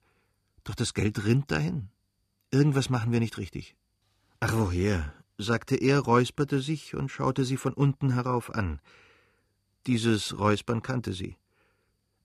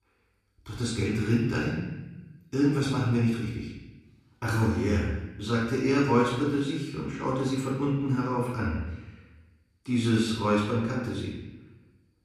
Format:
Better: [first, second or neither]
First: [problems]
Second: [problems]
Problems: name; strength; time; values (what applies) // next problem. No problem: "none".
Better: first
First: none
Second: room echo; noticeable; dies away in 0.9 s // off-mic speech; far